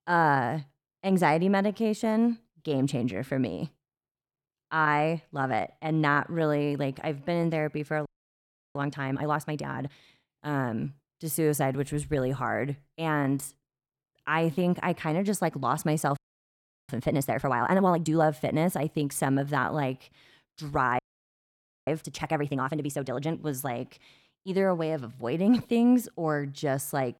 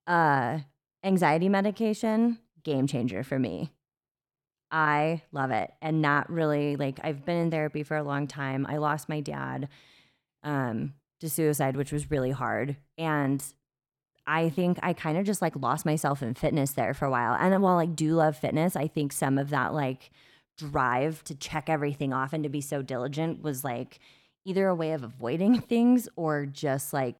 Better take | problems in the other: second | audio freezing; at 8 s for 0.5 s, at 16 s for 0.5 s and at 21 s for 1 s

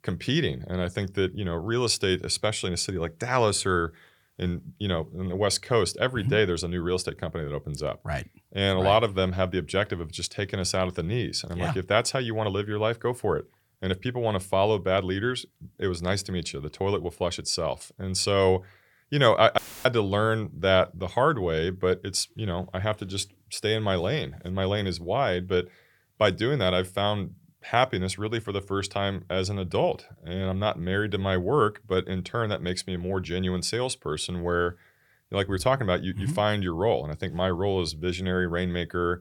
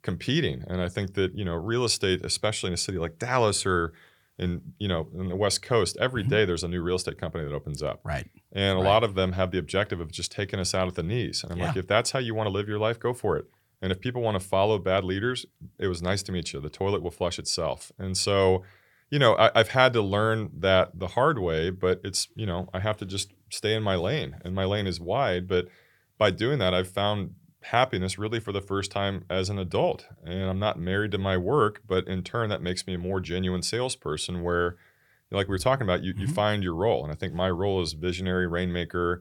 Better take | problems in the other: second | audio cutting out; filled with static; at 20 s

